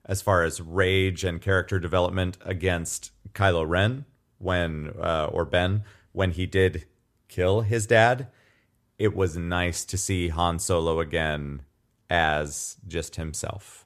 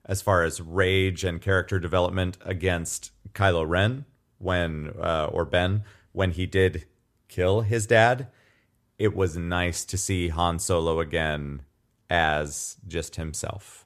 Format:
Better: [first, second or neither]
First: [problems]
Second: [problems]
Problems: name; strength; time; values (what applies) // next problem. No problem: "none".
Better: neither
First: none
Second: none